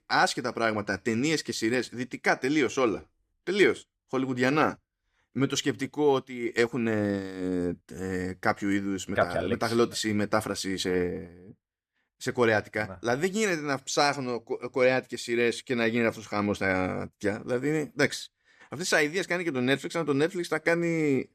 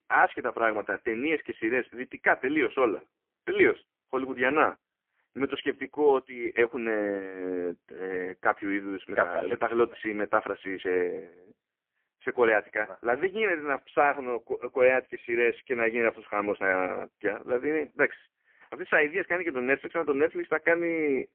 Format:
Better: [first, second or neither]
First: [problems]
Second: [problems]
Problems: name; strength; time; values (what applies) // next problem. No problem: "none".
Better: first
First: none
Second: phone-call audio; poor line